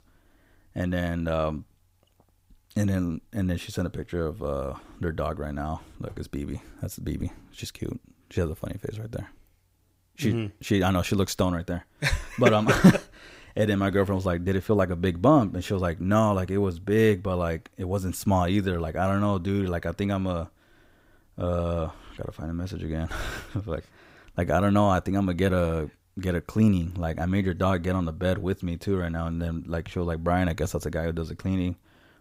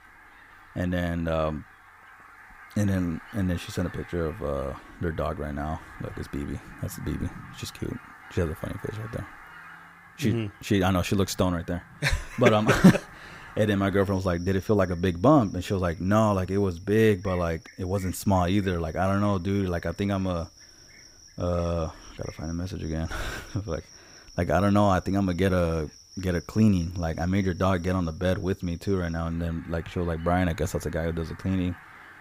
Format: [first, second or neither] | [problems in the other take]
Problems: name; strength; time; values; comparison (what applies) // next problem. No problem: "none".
first | animal sounds; faint; throughout; 20 dB below the speech